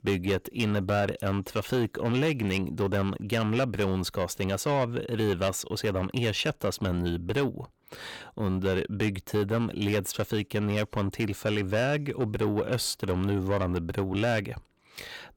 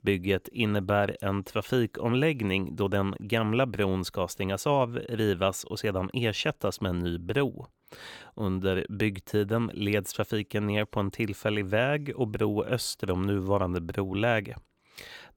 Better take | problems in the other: second | distortion; slight; 10 dB below the speech

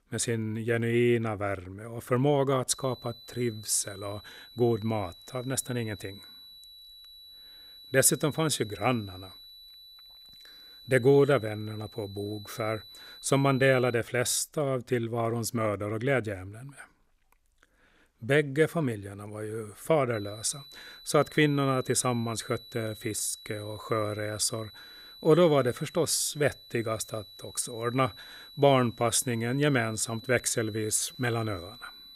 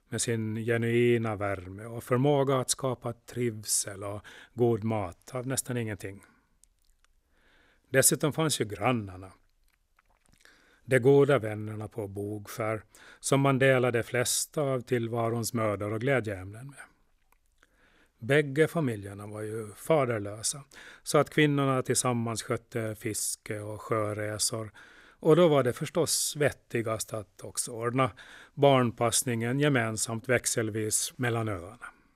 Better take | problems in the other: second | high-pitched whine; noticeable; from 2.5 to 14 s and from 20 s on; 4 kHz, 20 dB below the speech

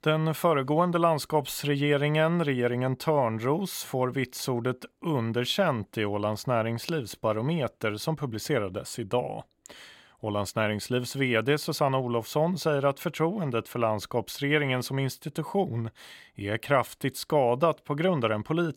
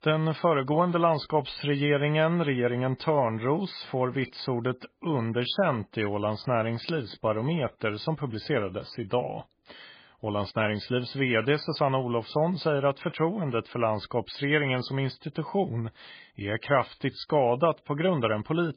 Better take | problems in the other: first | garbled, watery; badly; nothing above 4.5 kHz

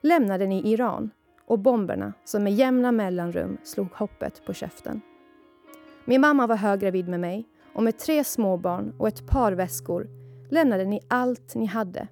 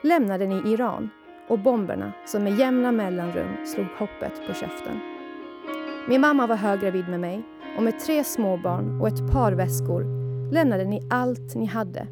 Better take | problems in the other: first | background music; loud; throughout; 8 dB below the speech; faint in the first

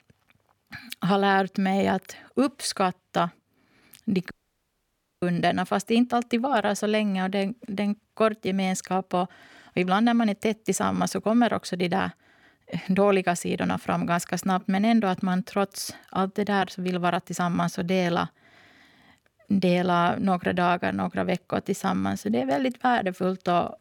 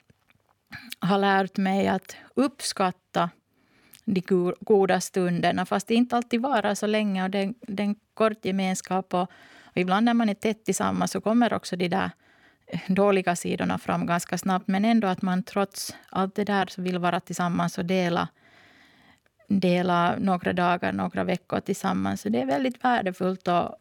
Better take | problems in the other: second | audio cutting out; at 4.5 s for 1 s

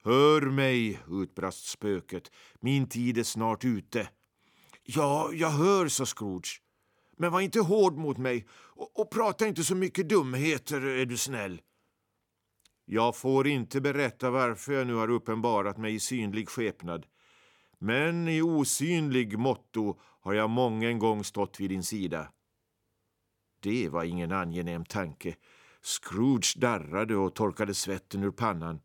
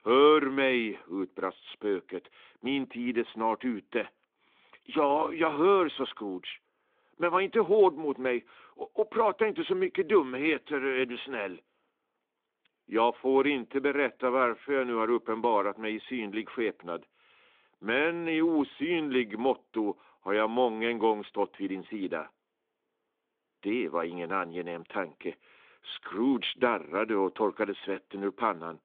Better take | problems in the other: first | phone-call audio; nothing above 3.5 kHz

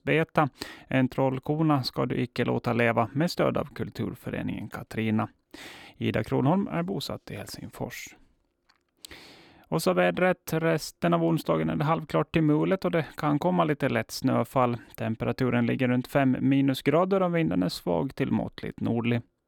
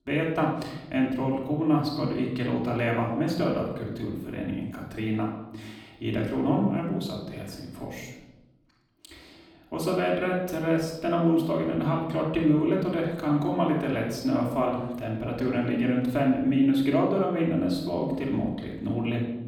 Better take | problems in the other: first | off-mic speech; far // room echo; noticeable; dies away in 0.9 s

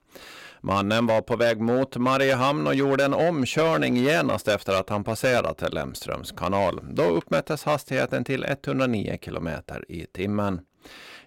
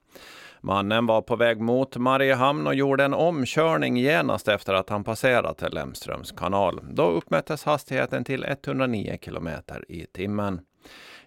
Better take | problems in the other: second | distortion; slight; 6% of the sound clipped

